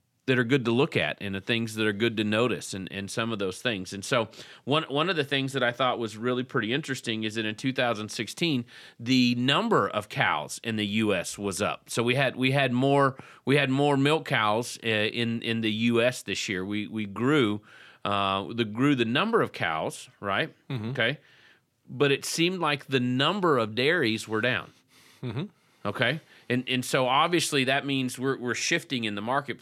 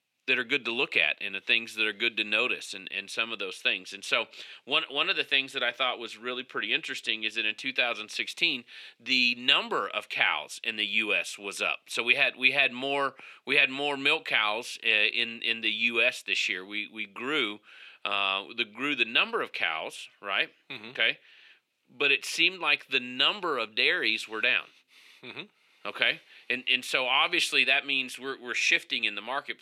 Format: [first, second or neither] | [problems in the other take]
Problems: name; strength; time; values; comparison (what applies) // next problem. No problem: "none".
first | thin; somewhat; fading below 350 Hz